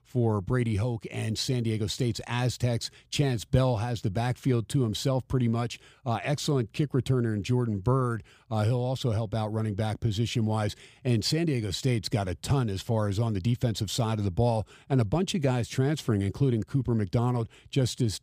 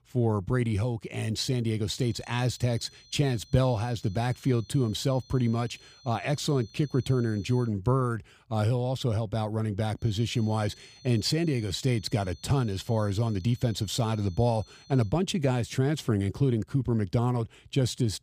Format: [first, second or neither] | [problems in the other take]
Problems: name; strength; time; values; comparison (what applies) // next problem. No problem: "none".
first | high-pitched whine; faint; from 2 to 7.5 s and from 10 to 15 s; 4.5 kHz, 25 dB below the speech